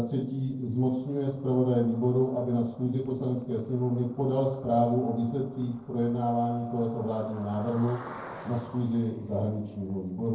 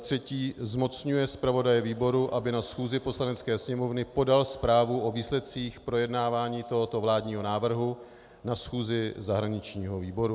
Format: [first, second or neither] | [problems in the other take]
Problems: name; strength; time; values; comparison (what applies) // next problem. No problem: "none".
second | noise reduction (neural separator model SepFormer DNS4)